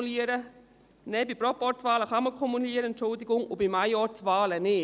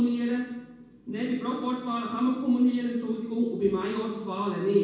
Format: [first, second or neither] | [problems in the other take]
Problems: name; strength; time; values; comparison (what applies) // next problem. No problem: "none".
first | room echo; dies away in 1.1 s